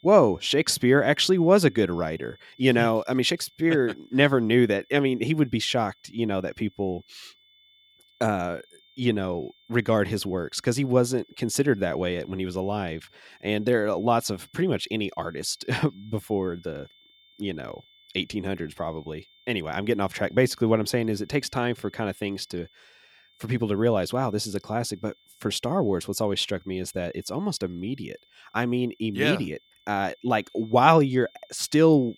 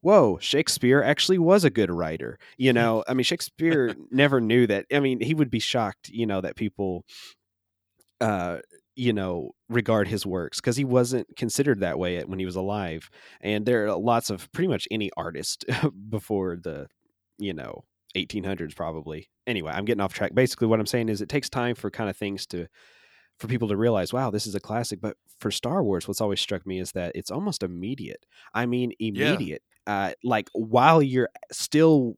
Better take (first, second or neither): second